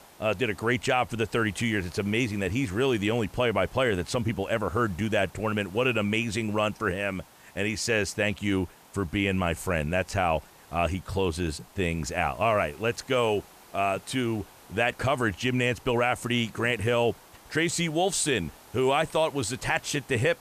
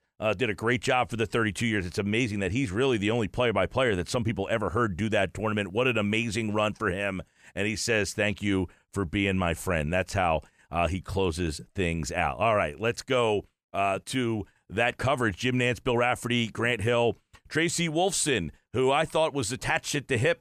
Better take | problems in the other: second | hiss; faint; throughout; 25 dB below the speech

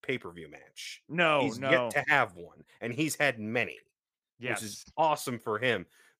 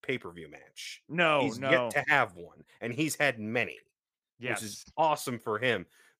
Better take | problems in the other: neither | none

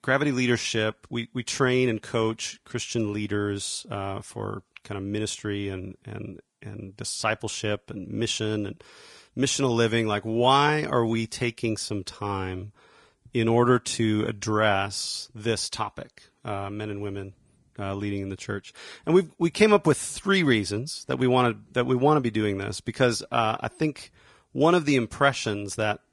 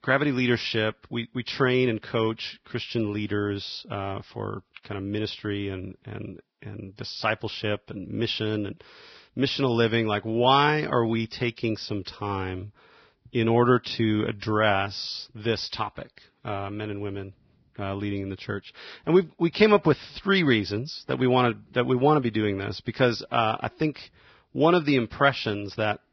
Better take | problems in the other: first | garbled, watery; badly; nothing above 5.5 kHz; slightly in the first

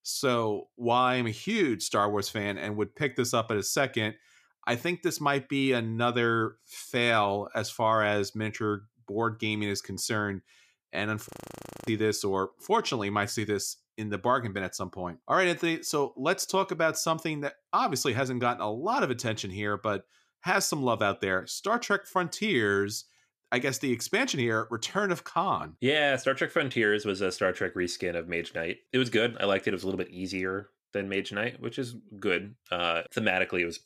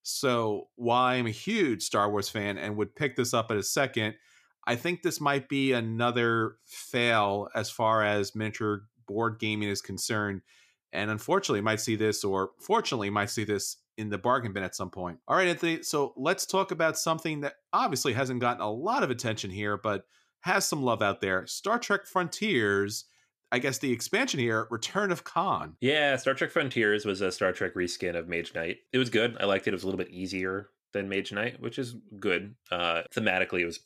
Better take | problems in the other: second | audio freezing; at 11 s for 0.5 s

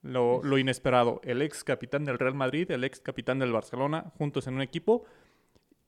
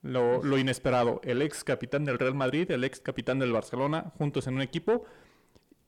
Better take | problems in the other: first | distortion; slight; 10 dB below the speech

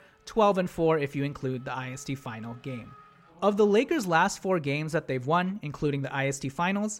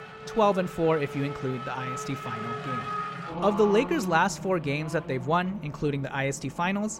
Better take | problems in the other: first | traffic noise; loud; throughout; 9 dB below the speech; faint in the first

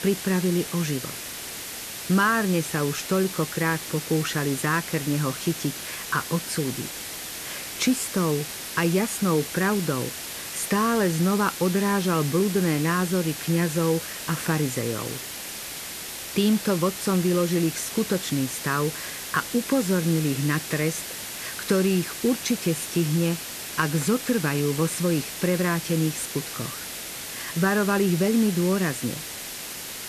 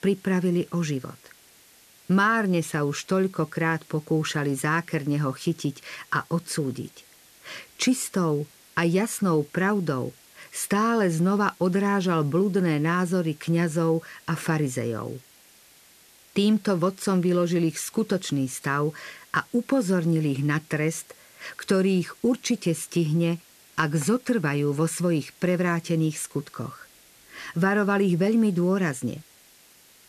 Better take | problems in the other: second | hiss; loud; throughout; 7 dB below the speech; faint in the second

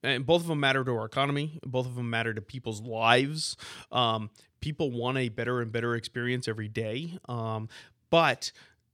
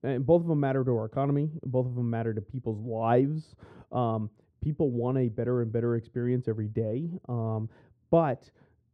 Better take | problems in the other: first | muffled; very; fading above 1.5 kHz

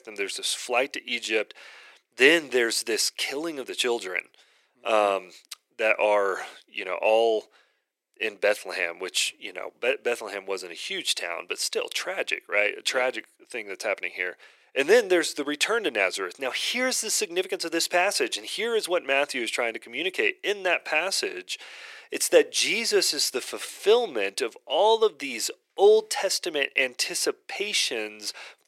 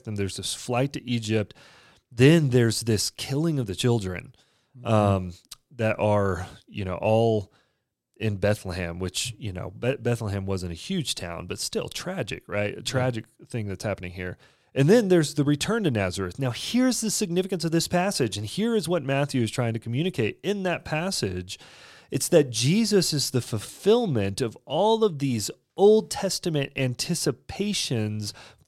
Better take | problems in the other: second | thin; very; fading below 400 Hz

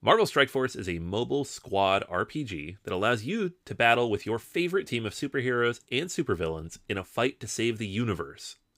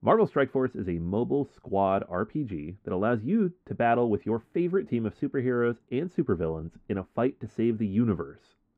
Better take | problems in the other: first | muffled; very; fading above 2.5 kHz

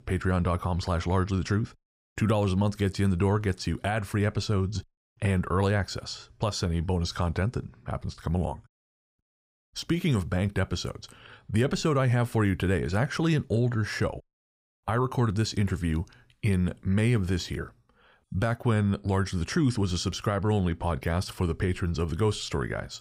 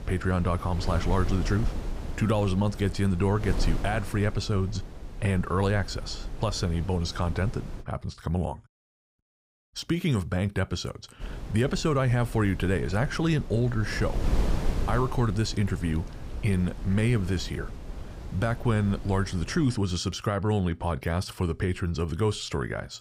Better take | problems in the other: first | wind noise on the microphone; occasional gusts; until 8 s and from 11 to 20 s; 15 dB below the speech

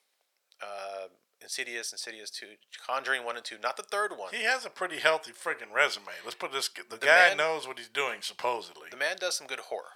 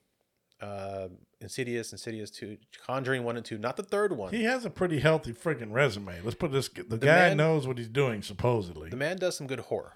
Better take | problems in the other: second | thin; very; fading below 900 Hz

